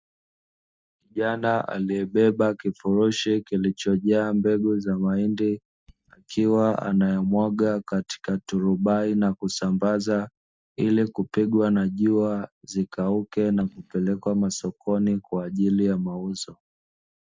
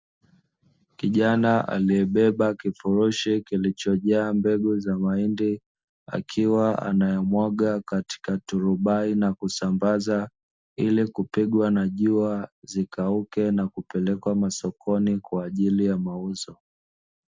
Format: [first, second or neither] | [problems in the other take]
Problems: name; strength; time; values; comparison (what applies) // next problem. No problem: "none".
second | noise reduction (neural mask model DeepFilterNet 3)